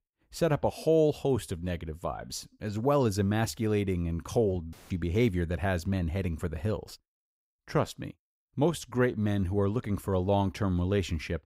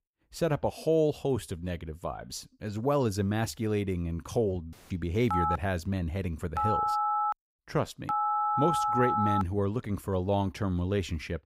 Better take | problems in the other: first | phone ringing; loud; from 5.5 to 9.5 s; peak 3 dB above the speech

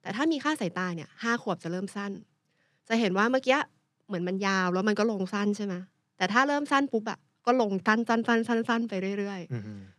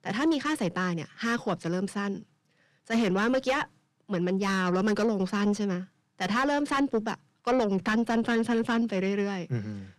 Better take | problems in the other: first | distortion; heavy; 7 dB below the speech

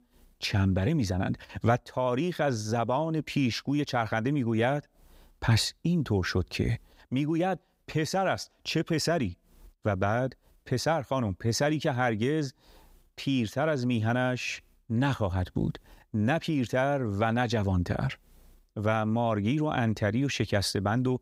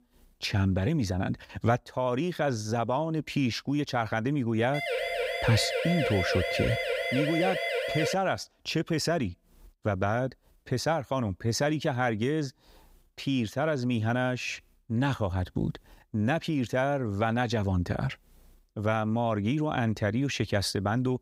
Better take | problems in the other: first | siren; loud; from 4.5 to 8 s; peak level with the speech

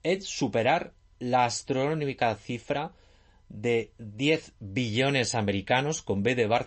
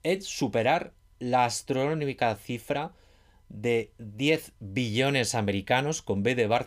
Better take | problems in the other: second | garbled, watery; slightly; nothing above 8 kHz

